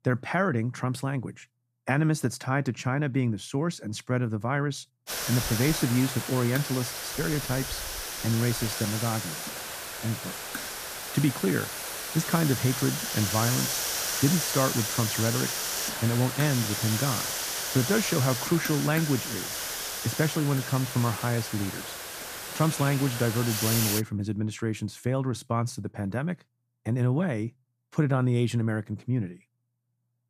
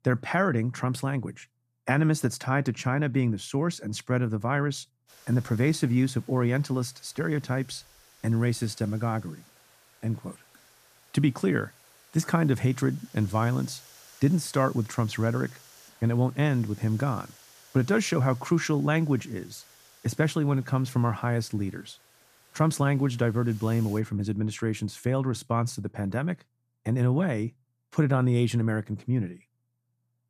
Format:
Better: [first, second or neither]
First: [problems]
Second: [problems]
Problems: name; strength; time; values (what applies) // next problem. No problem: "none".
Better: second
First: hiss; loud; from 5 to 24 s; 2 dB below the speech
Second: hiss; faint; from 5 to 24 s; 25 dB below the speech